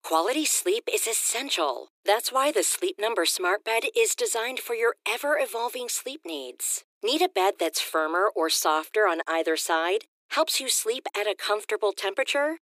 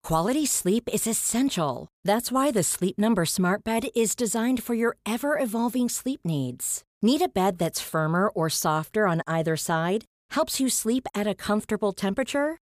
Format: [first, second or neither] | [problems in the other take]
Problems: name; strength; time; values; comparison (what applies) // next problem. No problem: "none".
second | thin; very; fading below 300 Hz